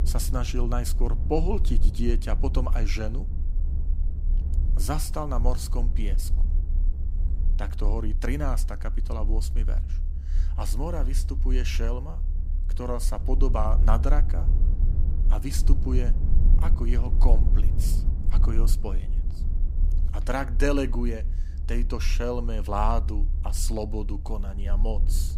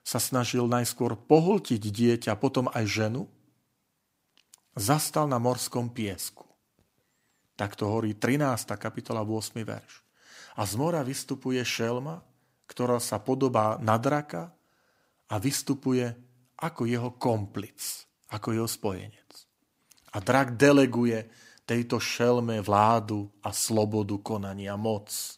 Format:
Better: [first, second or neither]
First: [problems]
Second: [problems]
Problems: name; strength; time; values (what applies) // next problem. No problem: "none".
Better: second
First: low rumble; noticeable; throughout; 15 dB below the speech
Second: none